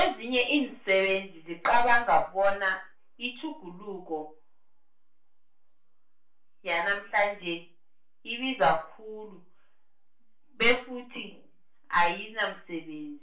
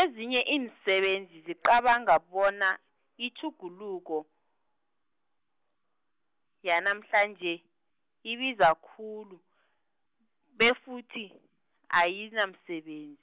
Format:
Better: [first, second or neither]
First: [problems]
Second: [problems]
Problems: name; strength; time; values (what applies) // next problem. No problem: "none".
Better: second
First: room echo; dies away in 0.3 s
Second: none